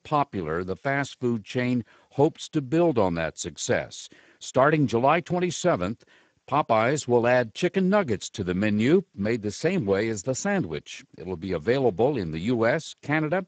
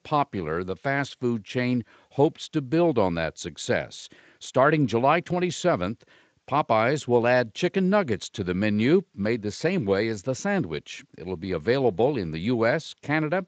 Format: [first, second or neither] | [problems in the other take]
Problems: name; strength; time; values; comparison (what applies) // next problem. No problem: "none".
second | garbled, watery; badly; nothing above 7.5 kHz; slightly in the second